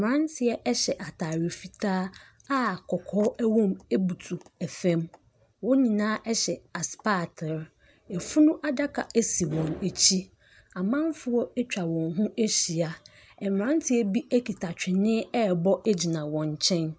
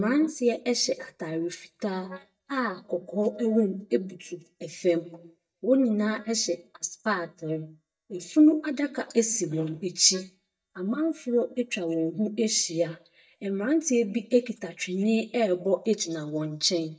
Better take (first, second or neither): first